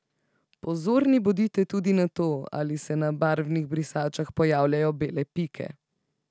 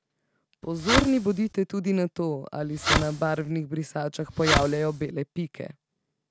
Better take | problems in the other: first | background sound (Fireworks); as loud as the speech

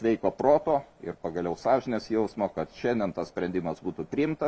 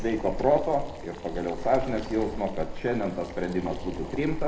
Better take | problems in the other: first | background sound (Boiling); 6 dB below the speech // room echo; dies away in 0.9 s

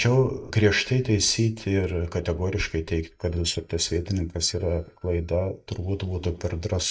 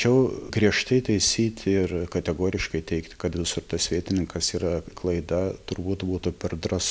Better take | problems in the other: second | noise reduction (neural mask model DeepFilterNet 3)

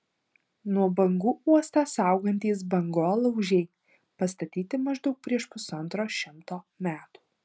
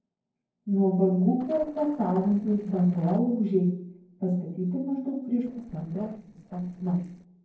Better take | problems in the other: first | noise reduction (neural separator model SepFormer DNS4)

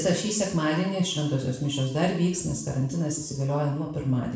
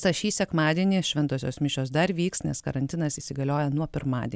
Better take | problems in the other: second | noise reduction (neural separator model SepFormer DNS4)

